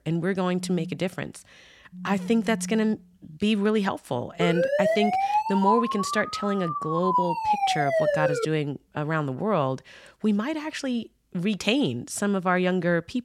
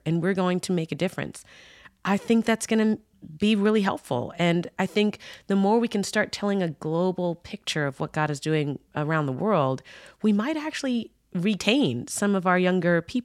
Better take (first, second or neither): second